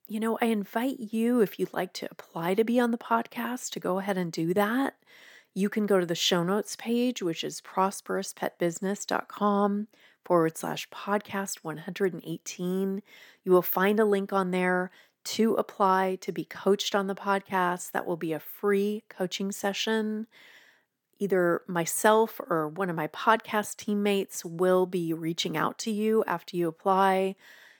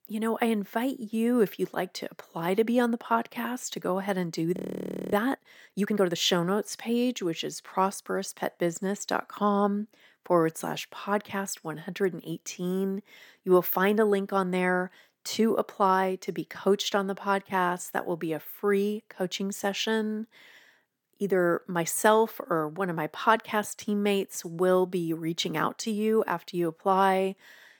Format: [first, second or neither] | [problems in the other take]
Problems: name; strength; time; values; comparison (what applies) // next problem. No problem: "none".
first | audio freezing; at 4.5 s for 0.5 s